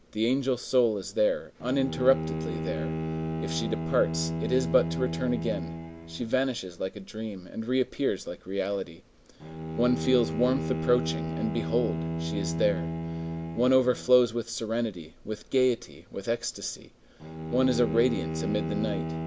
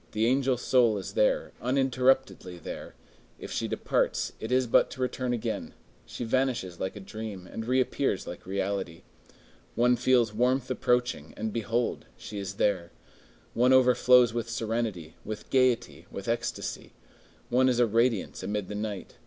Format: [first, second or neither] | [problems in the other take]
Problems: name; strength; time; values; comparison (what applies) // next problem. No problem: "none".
second | background sound (Bowed string instrument); 6 dB below the speech